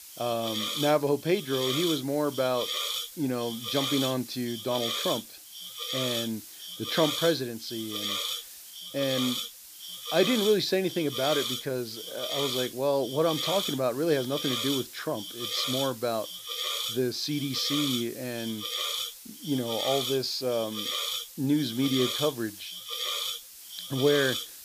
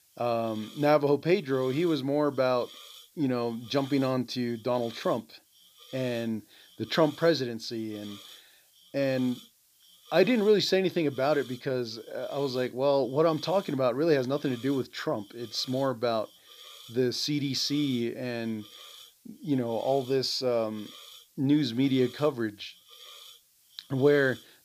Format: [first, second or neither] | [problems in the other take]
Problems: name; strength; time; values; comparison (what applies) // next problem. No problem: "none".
second | hiss; loud; throughout; 3 dB below the speech; faint in the second